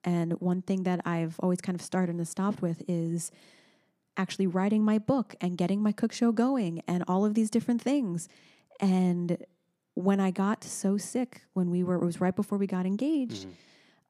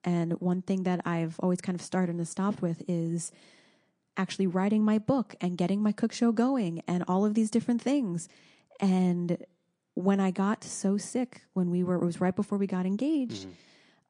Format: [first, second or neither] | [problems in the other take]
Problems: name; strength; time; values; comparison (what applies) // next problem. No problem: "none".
first | garbled, watery; slightly; nothing above 10 kHz